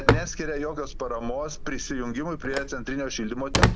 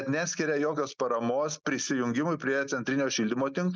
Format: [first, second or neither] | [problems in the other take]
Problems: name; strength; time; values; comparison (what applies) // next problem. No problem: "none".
second | background sound (Telephone); 3 dB above the speech